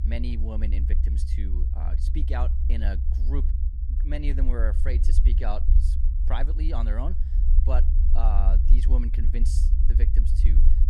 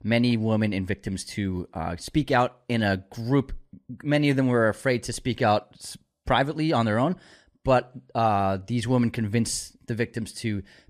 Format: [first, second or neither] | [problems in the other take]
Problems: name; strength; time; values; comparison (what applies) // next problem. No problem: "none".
second | low rumble; loud; throughout; 7 dB below the speech